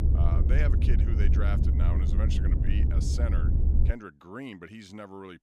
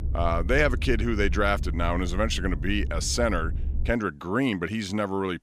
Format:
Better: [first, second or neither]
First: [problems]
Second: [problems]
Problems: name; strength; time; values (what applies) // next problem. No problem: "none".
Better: second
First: low rumble; loud; until 4 s; 1 dB below the speech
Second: low rumble; faint; until 4 s; 20 dB below the speech